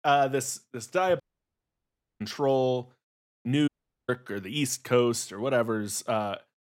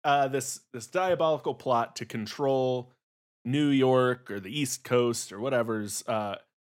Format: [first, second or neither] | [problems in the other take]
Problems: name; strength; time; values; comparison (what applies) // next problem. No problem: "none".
second | audio cutting out; at 1 s for 1 s and at 3.5 s